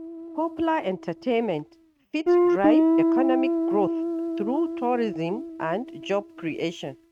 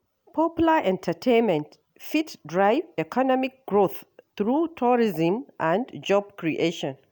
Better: second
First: noise reduction (neural mask model RNNoise)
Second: none

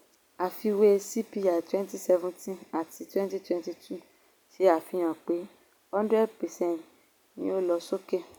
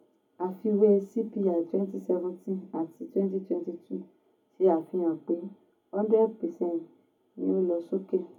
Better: first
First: none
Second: room echo; dies away in 0.3 s

